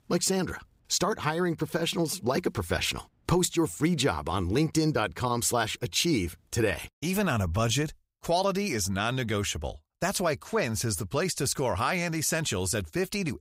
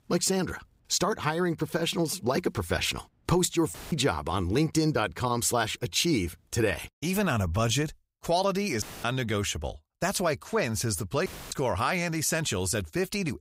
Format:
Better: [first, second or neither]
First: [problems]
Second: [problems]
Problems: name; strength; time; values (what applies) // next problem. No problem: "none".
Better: first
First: none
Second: audio cutting out; filled with static; at 3.5 s, at 9 s and at 11 s